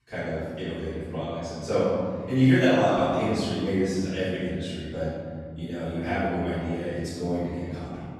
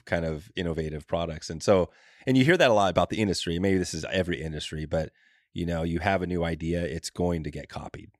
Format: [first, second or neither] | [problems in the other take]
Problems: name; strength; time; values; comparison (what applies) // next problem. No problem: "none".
second | off-mic speech; far // room echo; strong; dies away in 2.1 s